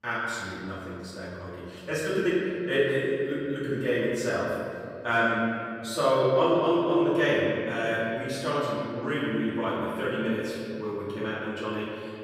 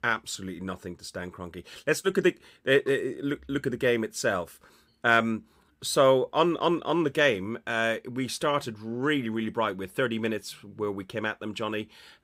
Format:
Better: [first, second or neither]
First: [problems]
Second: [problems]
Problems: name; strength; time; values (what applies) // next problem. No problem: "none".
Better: second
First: off-mic speech; far // room echo; strong; dies away in 2.6 s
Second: none